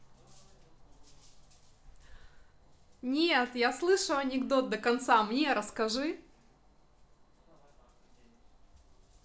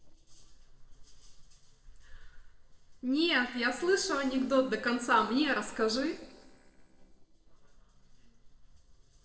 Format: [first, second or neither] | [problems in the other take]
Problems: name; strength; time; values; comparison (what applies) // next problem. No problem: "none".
first | noise reduction (neural separator model SepFormer DNS4)